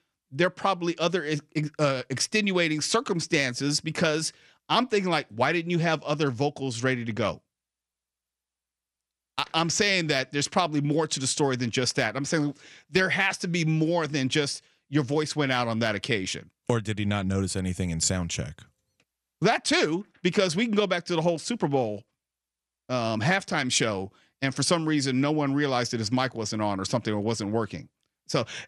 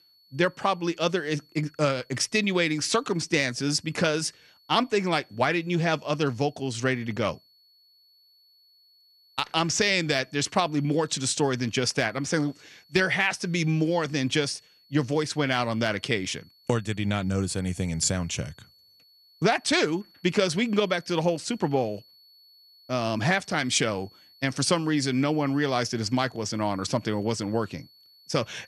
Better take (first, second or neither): first